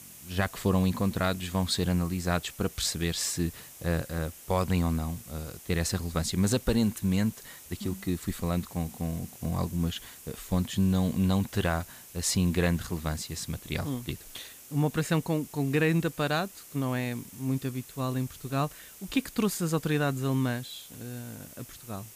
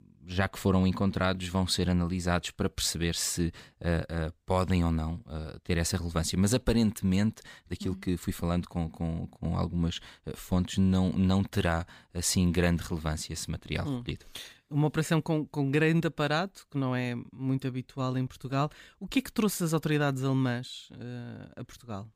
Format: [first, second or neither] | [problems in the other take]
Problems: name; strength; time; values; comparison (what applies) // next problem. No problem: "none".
second | hiss; noticeable; throughout; 15 dB below the speech